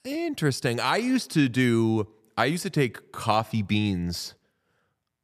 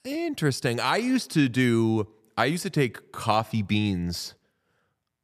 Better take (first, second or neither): neither